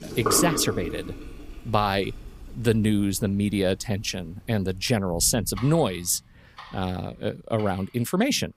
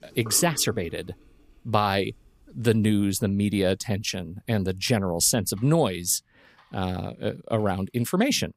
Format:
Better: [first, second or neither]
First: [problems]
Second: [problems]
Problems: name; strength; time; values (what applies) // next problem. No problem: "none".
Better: second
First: household noises; loud; throughout; 9 dB below the speech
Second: household noises; faint; throughout; 25 dB below the speech